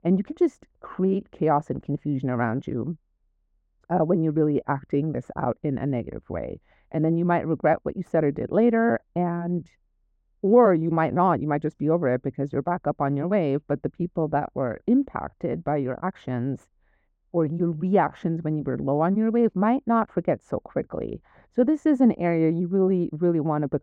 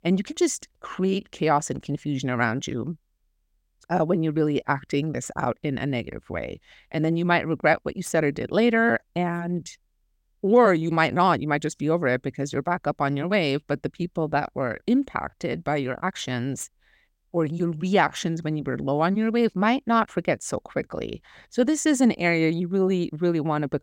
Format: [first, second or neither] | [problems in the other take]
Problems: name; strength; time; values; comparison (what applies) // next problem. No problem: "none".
second | muffled; very; fading above 2.5 kHz